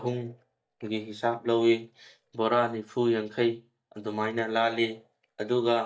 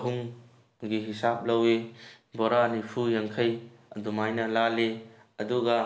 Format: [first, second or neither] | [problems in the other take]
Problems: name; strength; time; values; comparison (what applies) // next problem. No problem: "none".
second | noise reduction (neural mask model DeepFilterNet 3)